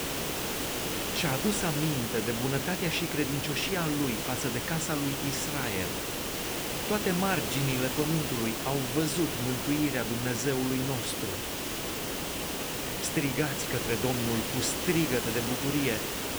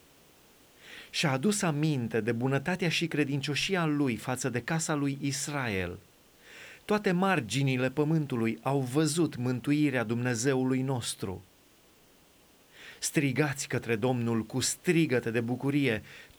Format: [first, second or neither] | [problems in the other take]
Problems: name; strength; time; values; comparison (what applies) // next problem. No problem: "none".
second | hiss; loud; throughout; as loud as the speech; faint in the second